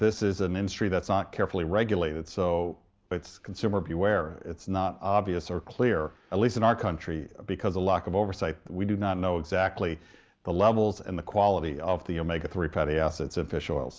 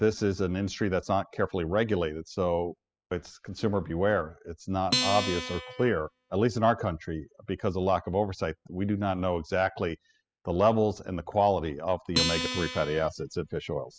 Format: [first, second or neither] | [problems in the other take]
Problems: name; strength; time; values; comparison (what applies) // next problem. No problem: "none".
first | noise reduction (classical method spectral subtraction)